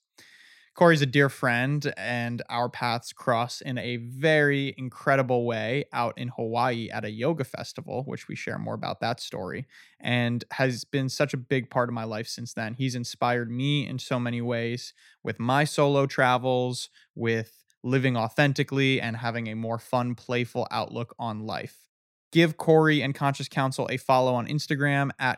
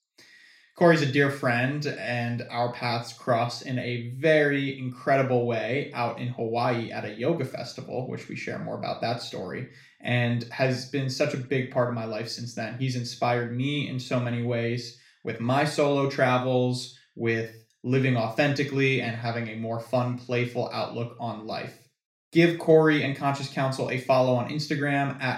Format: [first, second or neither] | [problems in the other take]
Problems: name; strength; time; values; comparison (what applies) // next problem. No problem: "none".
first | room echo; slight; dies away in 0.4 s // off-mic speech; somewhat distant